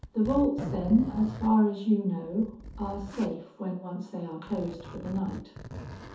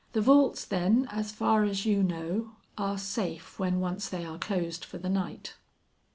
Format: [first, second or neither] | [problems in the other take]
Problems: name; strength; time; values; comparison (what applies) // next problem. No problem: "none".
second | background sound (Zipper (clothing)); 13 dB below the speech // room echo; dies away in 0.5 s